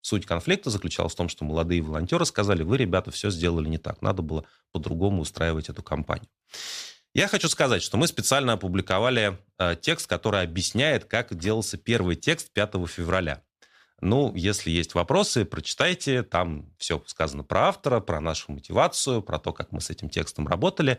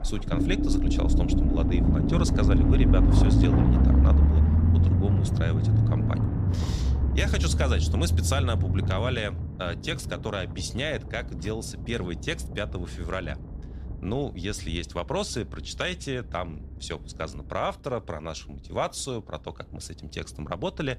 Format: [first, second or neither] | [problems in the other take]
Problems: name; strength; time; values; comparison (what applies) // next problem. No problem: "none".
first | low rumble; loud; throughout; 1 dB below the speech